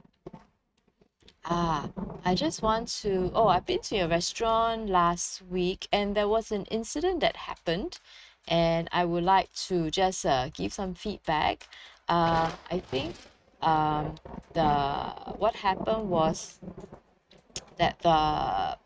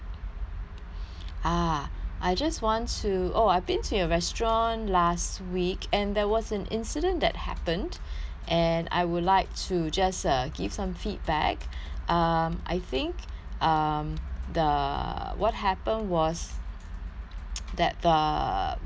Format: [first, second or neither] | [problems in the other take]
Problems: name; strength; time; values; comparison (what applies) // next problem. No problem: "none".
second | noise reduction (neural mask model RNNoise)